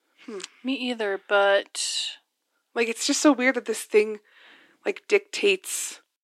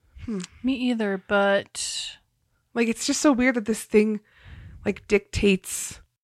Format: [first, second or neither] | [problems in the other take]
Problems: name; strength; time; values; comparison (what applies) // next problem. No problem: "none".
second | thin; very slightly; fading below 300 Hz